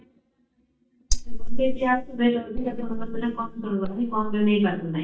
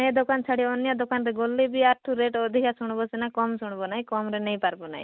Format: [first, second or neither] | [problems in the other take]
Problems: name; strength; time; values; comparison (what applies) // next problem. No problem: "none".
second | noise reduction (neural mask model DeepFilterNet 3)